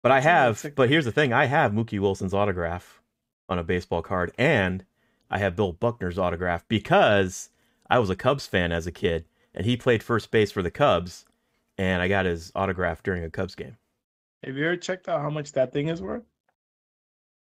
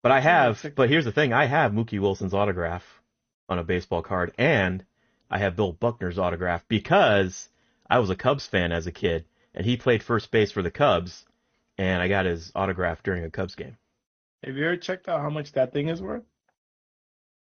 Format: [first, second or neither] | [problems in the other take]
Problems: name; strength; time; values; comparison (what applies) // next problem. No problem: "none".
first | garbled, watery; slightly; nothing above 6.5 kHz